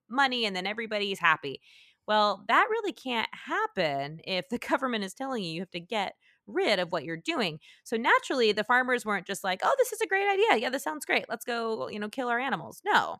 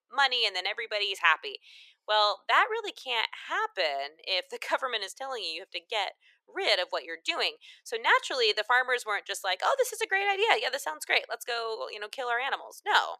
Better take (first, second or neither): first